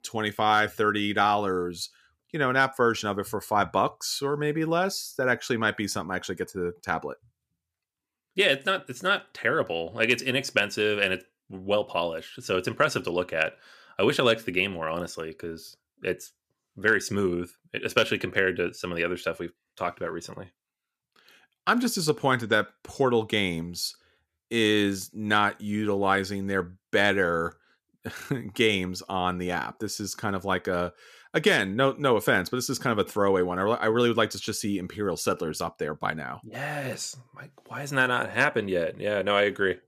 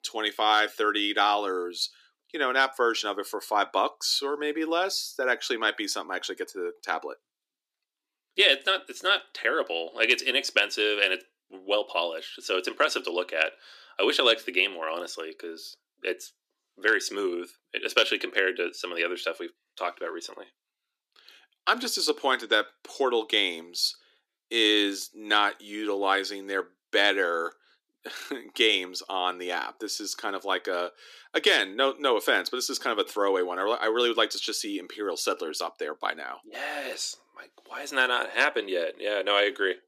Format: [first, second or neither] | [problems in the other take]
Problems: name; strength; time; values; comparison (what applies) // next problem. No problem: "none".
first | thin; somewhat; fading below 300 Hz